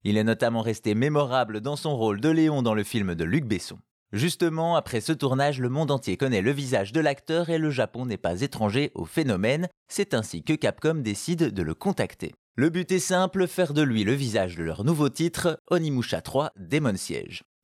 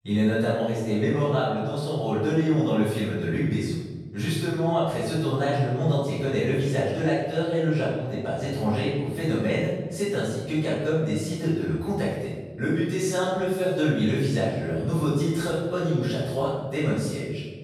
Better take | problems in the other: first | off-mic speech; far // room echo; strong; dies away in 1.3 s

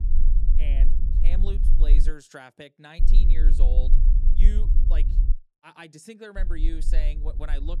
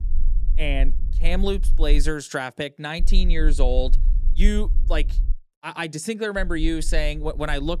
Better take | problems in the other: second | low rumble; loud; until 2 s, from 3 to 5.5 s and from 6.5 s on; 6 dB below the speech; faint in the second

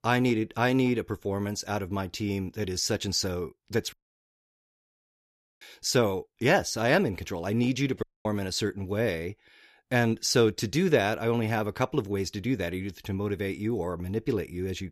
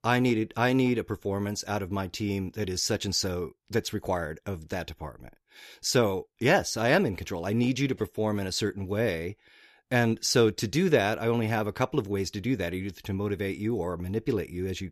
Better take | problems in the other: second | audio cutting out; at 4 s for 1.5 s and at 8 s

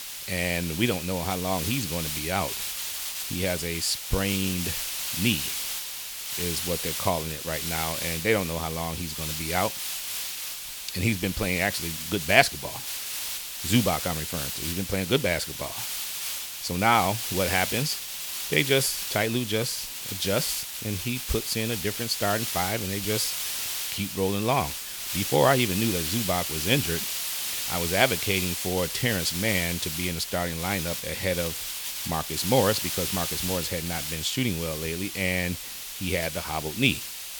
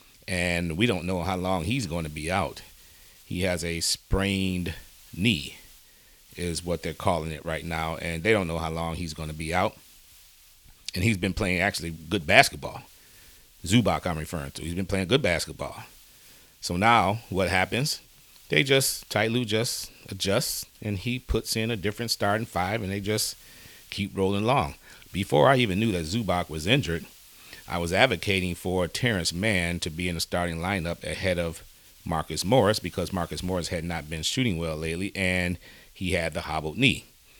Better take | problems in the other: second | hiss; loud; throughout; 3 dB below the speech; faint in the second

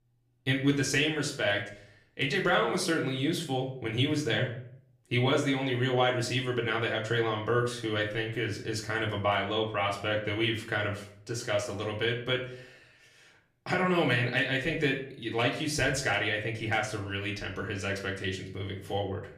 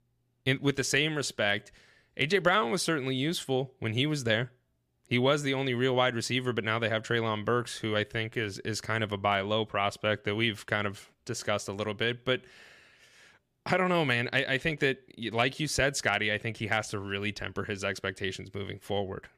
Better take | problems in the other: second | room echo; slight; dies away in 0.5 s // off-mic speech; far

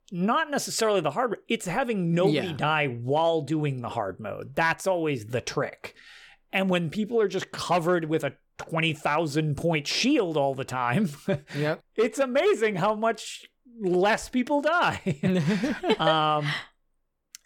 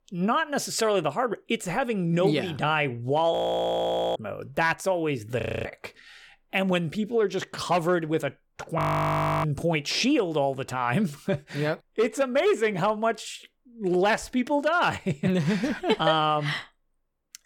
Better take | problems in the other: first | audio freezing; at 3.5 s for 1 s, at 5.5 s and at 9 s for 0.5 s

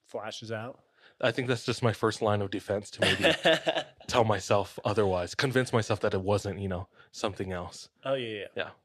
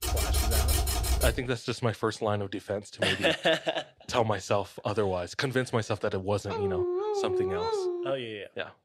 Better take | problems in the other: first | keyboard typing; loud; until 1.5 s; peak 4 dB above the speech // dog barking; loud; from 6.5 to 8 s; peak 1 dB above the speech

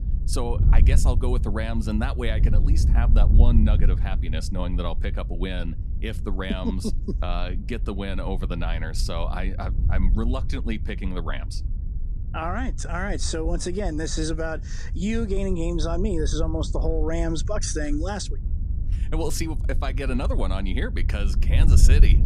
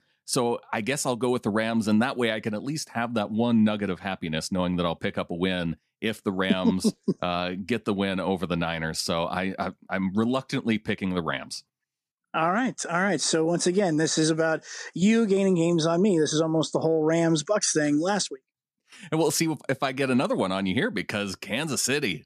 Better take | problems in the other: second | wind noise on the microphone; occasional gusts; 10 dB below the speech

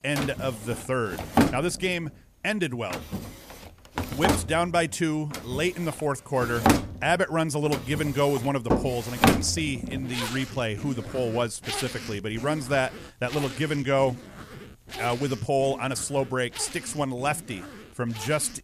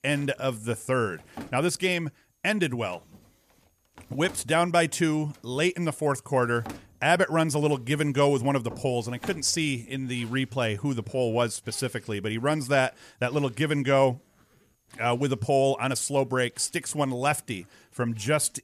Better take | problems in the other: second | household noises; loud; throughout; 3 dB below the speech; faint in the second

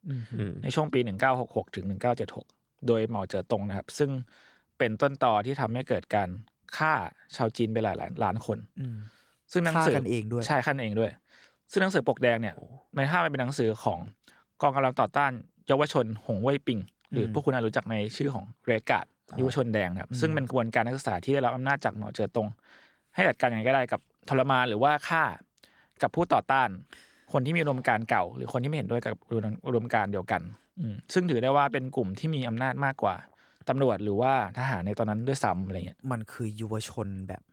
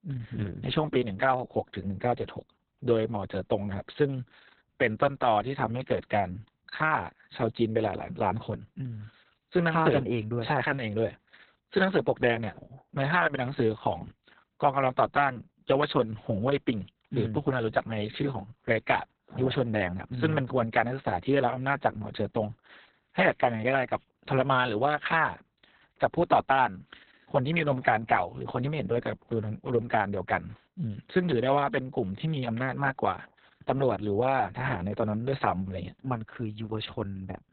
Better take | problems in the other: first | garbled, watery; badly; nothing above 4 kHz; slightly in the first

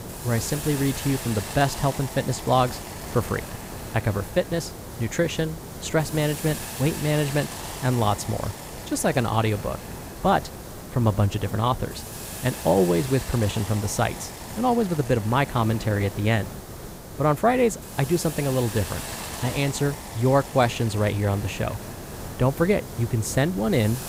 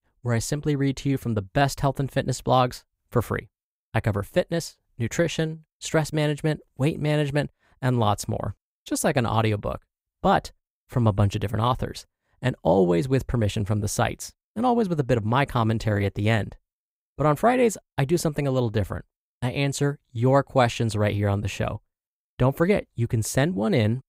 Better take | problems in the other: second | hiss; noticeable; throughout; 10 dB below the speech

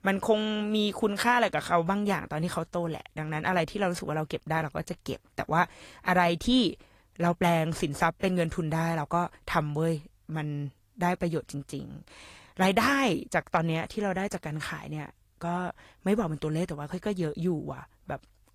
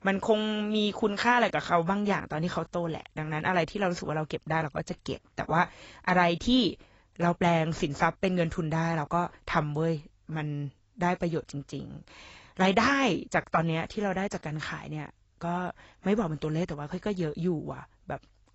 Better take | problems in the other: first | garbled, watery; badly; nothing above 7.5 kHz; slightly in the first

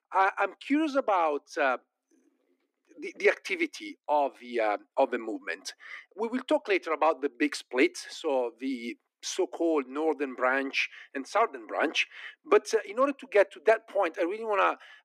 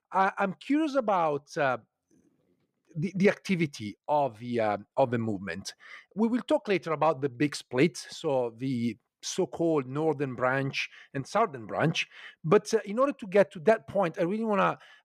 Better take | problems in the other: second | thin; very slightly; fading below 250 Hz

